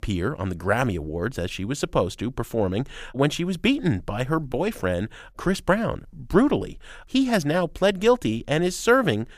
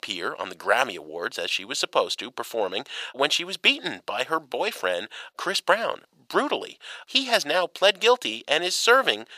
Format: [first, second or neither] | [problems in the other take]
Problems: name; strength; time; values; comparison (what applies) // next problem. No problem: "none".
first | thin; very; fading below 650 Hz